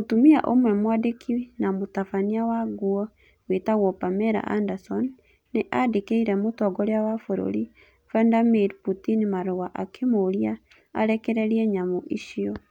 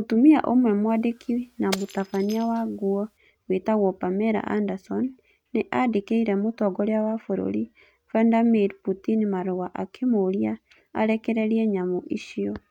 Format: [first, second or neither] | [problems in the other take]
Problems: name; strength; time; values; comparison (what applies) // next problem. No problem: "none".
first | noise reduction (neural mask model RNNoise)